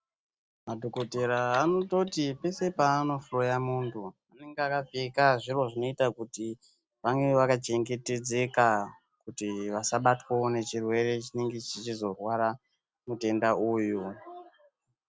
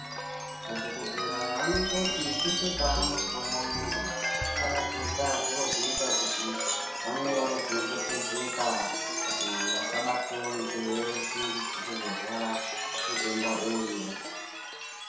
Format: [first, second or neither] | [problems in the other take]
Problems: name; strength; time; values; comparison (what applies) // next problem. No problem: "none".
first | background sound (Chime); 3 dB above the speech // room echo; dies away in 0.7 s